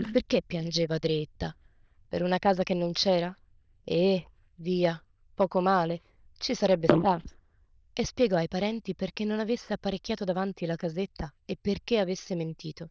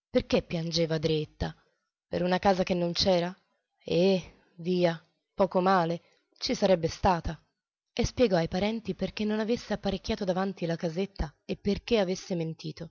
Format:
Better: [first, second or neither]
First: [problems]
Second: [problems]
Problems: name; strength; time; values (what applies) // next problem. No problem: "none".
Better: second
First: noise reduction (neural diffusion model UNIVERSE++)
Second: none